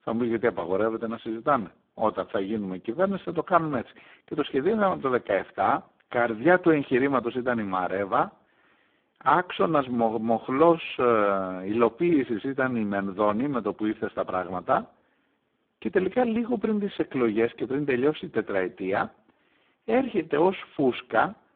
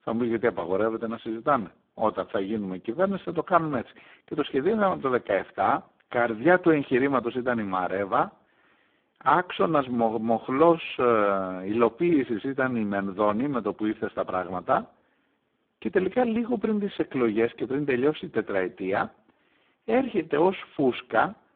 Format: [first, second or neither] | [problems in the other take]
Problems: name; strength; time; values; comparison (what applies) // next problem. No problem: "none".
neither | phone-call audio; poor line; the same in both